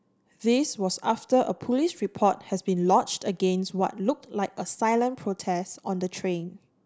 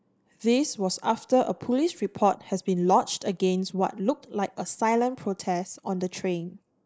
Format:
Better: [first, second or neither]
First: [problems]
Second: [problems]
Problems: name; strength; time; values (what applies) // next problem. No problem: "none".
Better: first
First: none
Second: noise reduction (neural mask model Resemble Enhance denoiser)